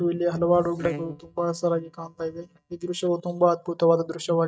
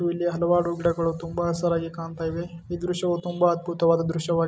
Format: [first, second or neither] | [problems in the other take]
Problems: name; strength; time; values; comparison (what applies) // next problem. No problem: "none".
second | noise reduction (neural mask model DeepFilterNet 3)